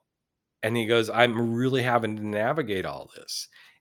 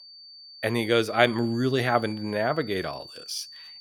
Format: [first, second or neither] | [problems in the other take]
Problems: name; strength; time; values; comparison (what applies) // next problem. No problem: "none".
first | high-pitched whine; noticeable; throughout; 4.5 kHz, 15 dB below the speech